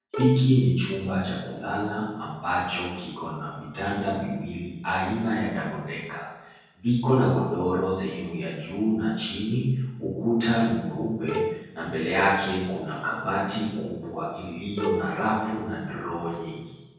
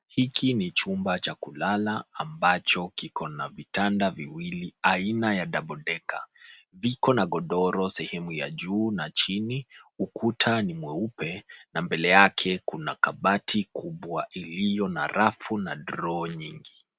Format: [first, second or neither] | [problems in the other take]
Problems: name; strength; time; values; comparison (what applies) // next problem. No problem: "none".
second | background sound (Bowed string instrument); 5 dB below the speech // room echo; dies away in 1.3 s